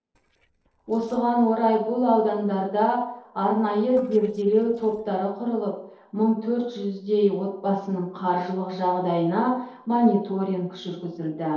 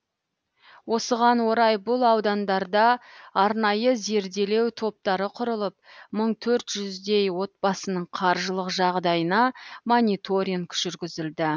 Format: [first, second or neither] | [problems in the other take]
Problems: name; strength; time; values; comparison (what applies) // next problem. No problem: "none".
second | noise reduction (neural separator model SepFormer DNS4)